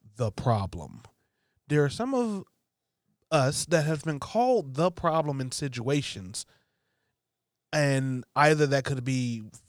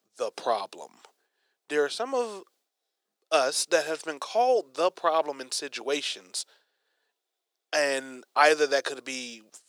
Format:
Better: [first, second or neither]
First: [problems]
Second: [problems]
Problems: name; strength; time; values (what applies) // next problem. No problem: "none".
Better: first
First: none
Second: thin; very; fading below 350 Hz